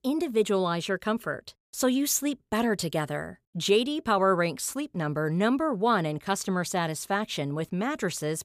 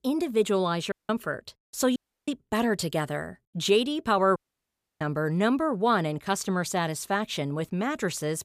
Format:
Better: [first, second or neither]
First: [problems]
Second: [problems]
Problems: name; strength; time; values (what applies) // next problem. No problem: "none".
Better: first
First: none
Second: audio cutting out; at 1 s, at 2 s and at 4.5 s for 0.5 s